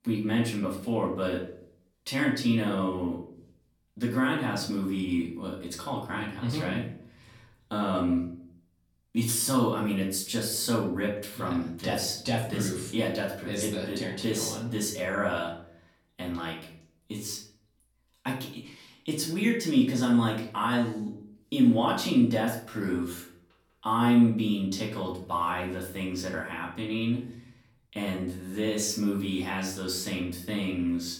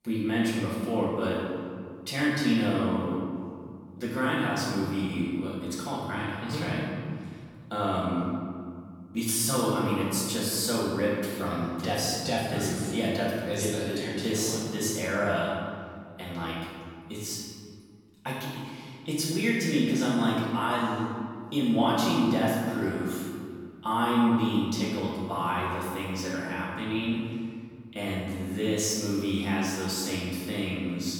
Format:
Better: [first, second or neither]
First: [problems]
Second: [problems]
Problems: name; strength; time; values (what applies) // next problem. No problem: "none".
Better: first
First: room echo; slight; dies away in 0.5 s // off-mic speech; far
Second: room echo; strong; dies away in 2.1 s // off-mic speech; far